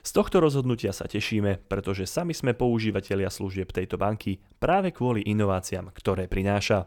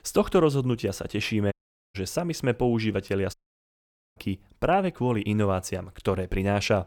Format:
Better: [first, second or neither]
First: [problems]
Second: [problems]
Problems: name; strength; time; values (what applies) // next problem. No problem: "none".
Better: first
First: none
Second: audio cutting out; at 1.5 s and at 3.5 s for 1 s